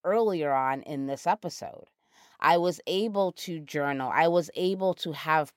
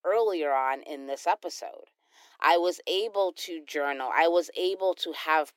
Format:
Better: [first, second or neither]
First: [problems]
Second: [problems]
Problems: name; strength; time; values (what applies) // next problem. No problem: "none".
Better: first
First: none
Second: thin; somewhat; fading below 300 Hz